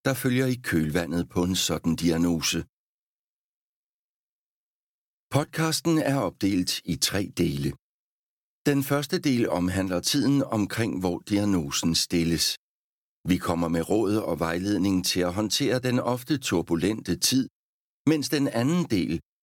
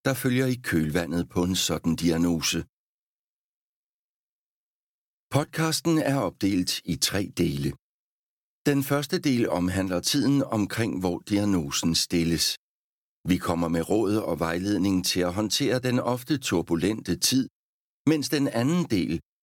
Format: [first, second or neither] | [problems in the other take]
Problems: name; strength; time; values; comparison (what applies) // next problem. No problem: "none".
neither | none